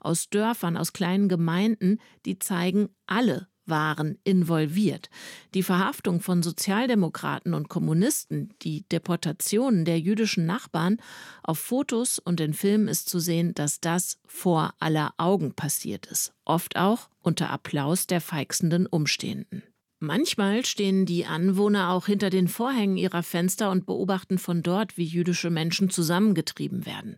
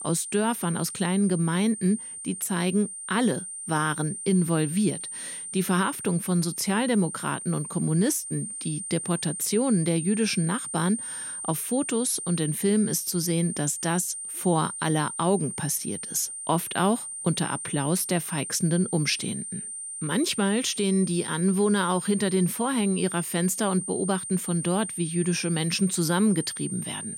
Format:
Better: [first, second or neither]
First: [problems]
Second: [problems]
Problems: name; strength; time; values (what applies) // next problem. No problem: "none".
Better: first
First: none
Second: high-pitched whine; loud; throughout; 9 kHz, 7 dB below the speech